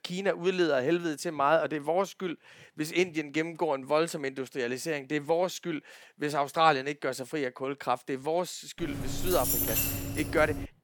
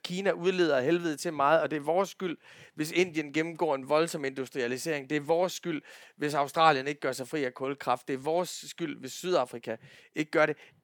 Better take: second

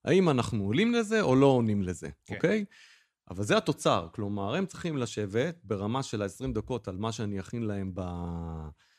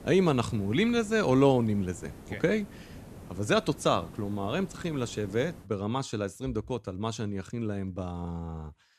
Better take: first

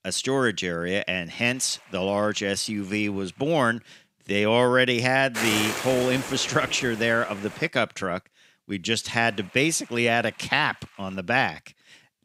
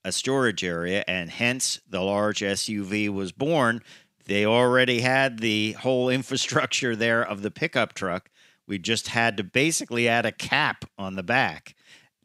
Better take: second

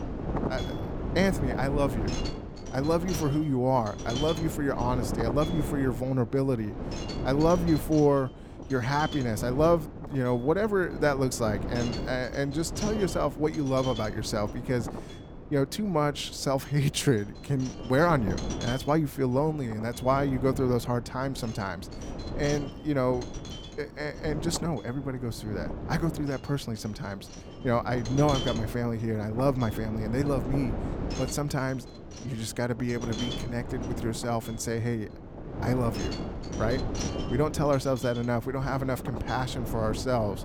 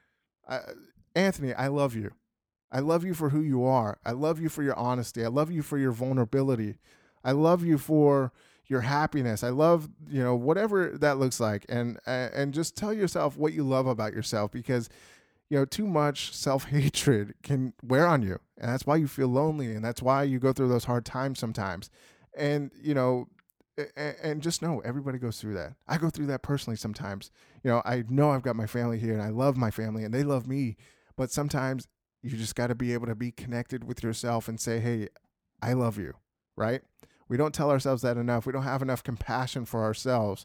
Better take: second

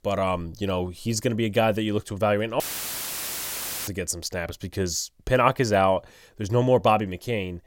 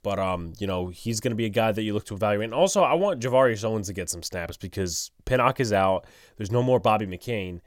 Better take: second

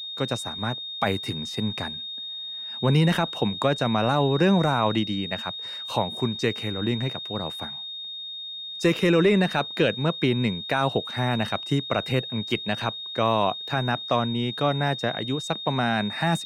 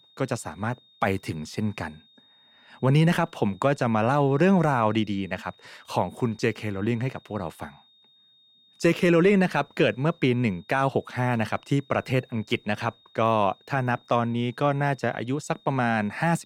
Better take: second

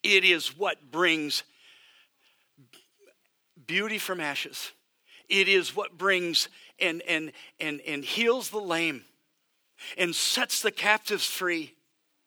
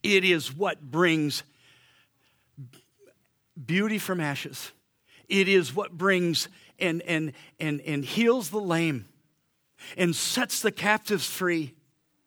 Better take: second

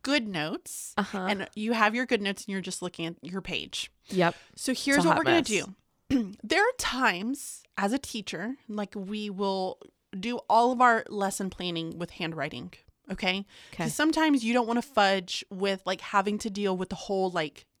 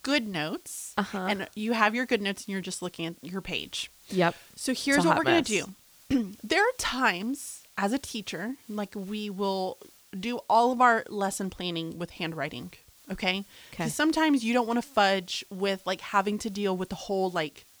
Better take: first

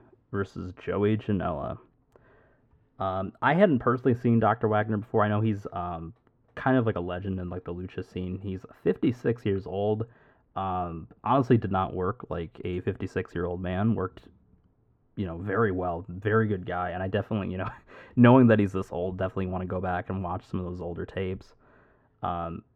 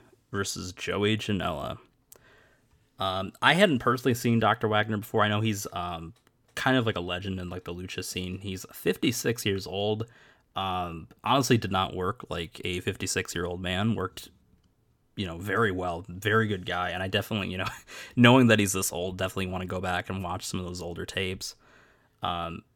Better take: second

